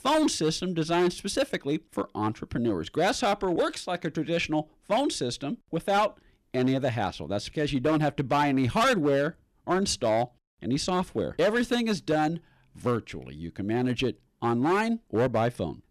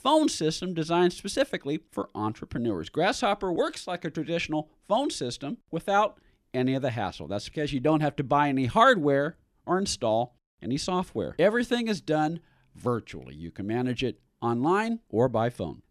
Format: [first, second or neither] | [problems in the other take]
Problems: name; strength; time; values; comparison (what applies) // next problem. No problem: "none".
second | distortion; slight; 7% of the sound clipped